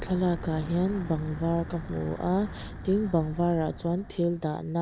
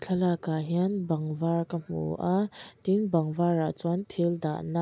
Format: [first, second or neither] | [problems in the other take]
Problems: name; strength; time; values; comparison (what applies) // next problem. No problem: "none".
second | background sound (Wind / Breathing); 12 dB below the speech